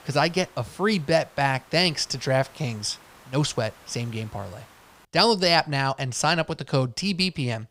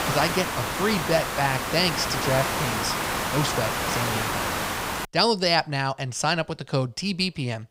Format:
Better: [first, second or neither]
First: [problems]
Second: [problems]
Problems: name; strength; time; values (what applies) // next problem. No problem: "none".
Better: first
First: hiss; faint; until 5 s; 25 dB below the speech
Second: hiss; loud; until 5 s; 1 dB below the speech